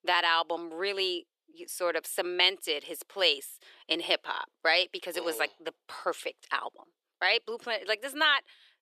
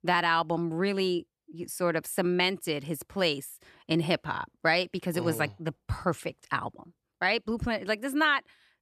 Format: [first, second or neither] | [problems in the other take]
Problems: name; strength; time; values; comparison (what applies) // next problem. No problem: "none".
second | thin; very; fading below 400 Hz